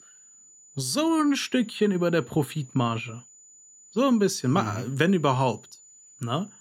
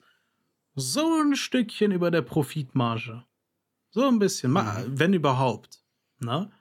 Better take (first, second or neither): second